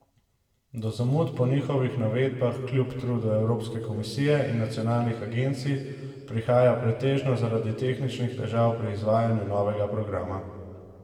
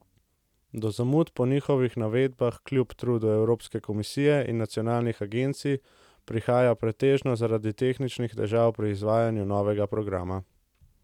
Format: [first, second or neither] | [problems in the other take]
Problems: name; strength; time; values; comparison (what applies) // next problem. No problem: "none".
second | room echo; dies away in 2.1 s